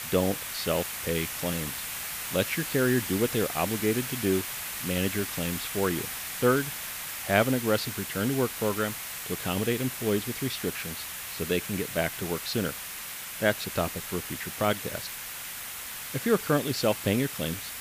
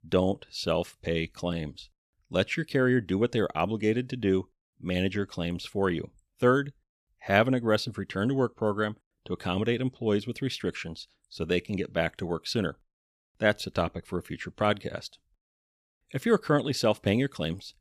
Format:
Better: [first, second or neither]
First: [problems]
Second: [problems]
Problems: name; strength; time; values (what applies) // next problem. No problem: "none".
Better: second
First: hiss; loud; throughout; 5 dB below the speech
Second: none